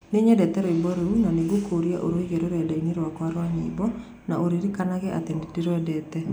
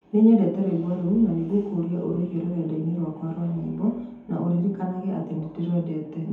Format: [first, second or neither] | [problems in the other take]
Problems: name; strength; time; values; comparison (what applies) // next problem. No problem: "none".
first | room echo; dies away in 0.6 s